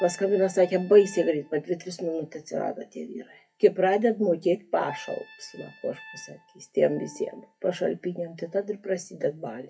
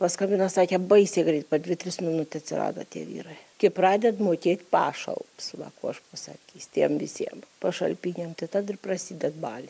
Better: second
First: noise reduction (classical method WPE with log-MMSE)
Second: none

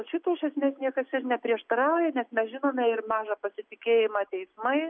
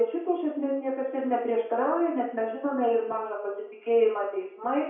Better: first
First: none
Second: room echo; dies away in 0.6 s

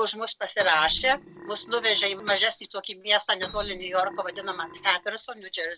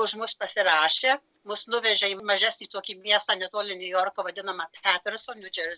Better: second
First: background sound (Burping, eructation + Piano); 16 dB below the speech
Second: none

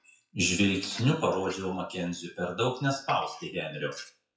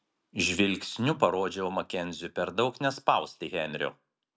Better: second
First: noise reduction (classical method WPE with log-MMSE)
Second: none

